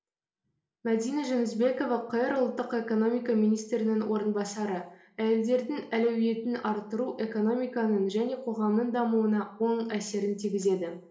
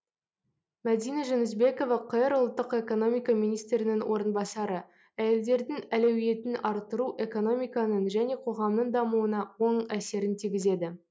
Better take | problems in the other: second | room echo; dies away in 0.5 s

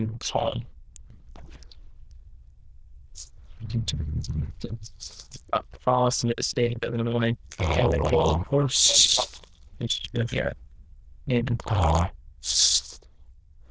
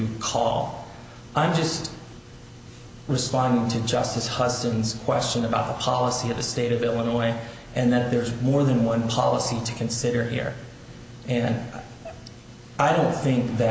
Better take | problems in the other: second | noise reduction (neural diffusion model UNIVERSE++)

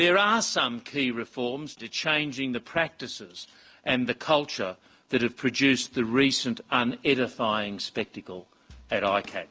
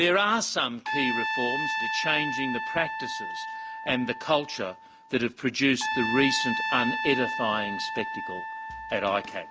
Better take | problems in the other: first | background sound (Trumpet); 4 dB below the speech

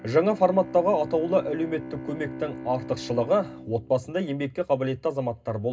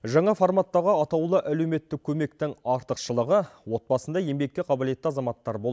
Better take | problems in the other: second | background sound (Bowed string instrument); 14 dB below the speech // room echo; dies away in 0.2 s

